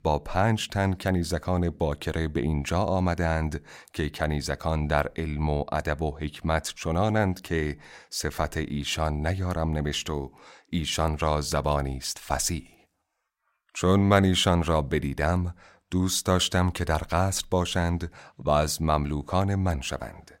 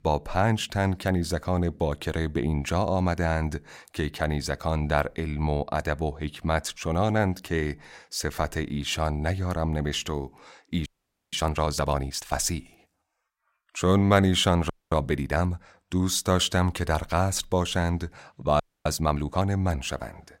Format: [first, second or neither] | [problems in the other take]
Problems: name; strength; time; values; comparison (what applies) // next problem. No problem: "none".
first | audio freezing; at 11 s, at 15 s and at 19 s